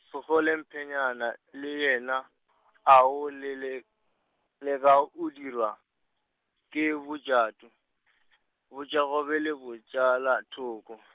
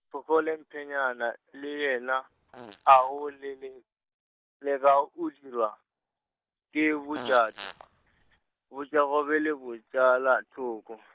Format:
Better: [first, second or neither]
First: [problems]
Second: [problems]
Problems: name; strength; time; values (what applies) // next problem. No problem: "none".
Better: first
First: none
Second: noise reduction (neural mask model DeepFilterNet 3)